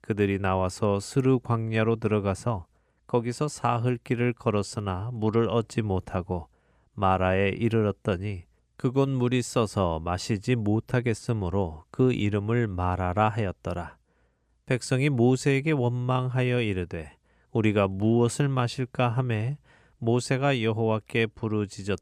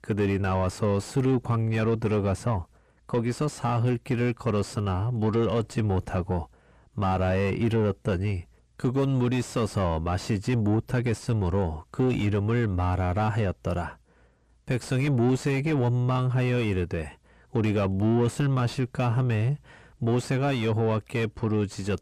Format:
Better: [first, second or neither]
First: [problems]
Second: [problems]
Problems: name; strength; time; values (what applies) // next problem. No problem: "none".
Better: first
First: none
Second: distortion; heavy; 8 dB below the speech